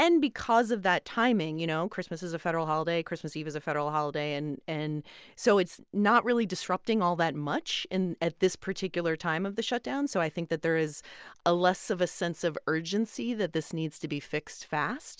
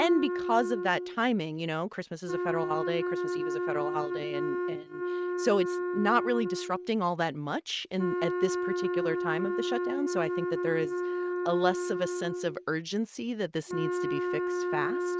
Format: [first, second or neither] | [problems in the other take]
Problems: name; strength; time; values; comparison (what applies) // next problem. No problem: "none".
first | noise reduction (neural mask model RNNoise)